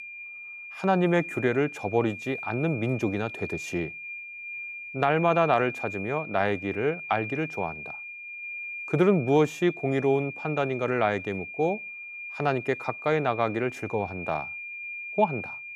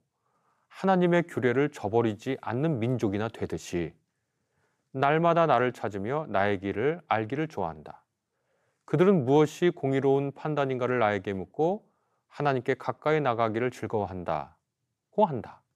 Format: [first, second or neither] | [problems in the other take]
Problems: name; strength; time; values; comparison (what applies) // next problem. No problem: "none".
second | high-pitched whine; loud; throughout; 2.5 kHz, 9 dB below the speech